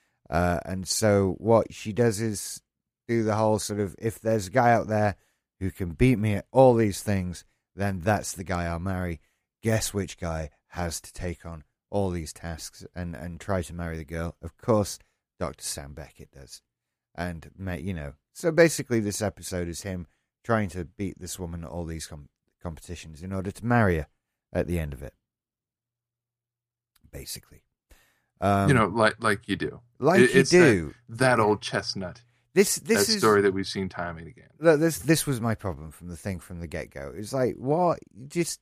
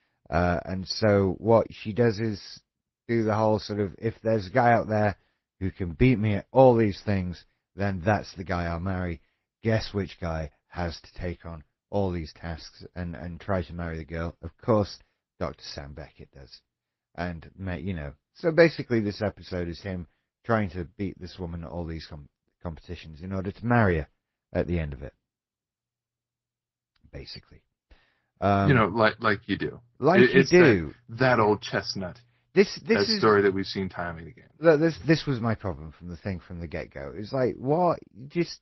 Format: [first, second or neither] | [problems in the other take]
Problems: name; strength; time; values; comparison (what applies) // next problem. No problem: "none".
first | garbled, watery; slightly; nothing above 5.5 kHz